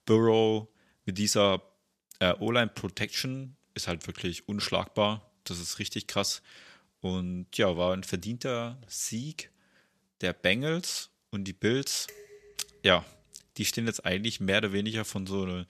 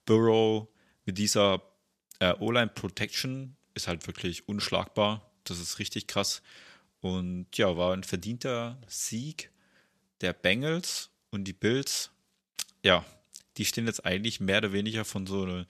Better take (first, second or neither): second